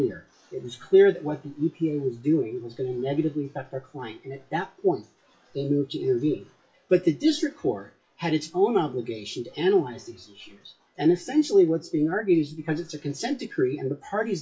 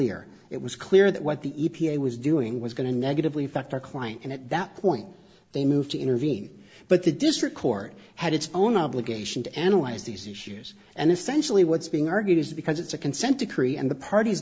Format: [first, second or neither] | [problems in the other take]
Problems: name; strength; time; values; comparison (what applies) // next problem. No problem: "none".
second | noise reduction (classical method WPE with log-MMSE)